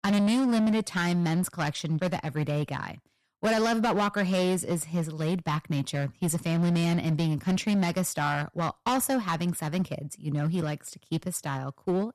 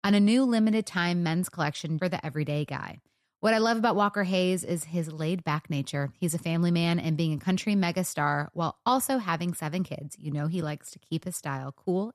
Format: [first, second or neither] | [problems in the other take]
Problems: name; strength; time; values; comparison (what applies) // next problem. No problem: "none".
second | distortion; slight; 12% of the sound clipped